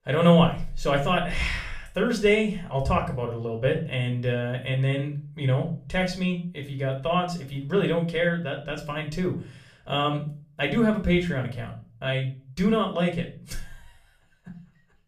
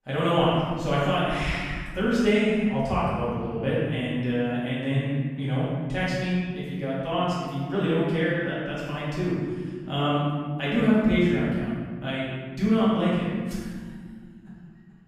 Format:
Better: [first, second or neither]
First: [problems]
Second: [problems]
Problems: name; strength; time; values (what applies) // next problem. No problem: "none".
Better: first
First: room echo; slight; dies away in 0.4 s // off-mic speech; somewhat distant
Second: room echo; strong; dies away in 1.8 s // off-mic speech; far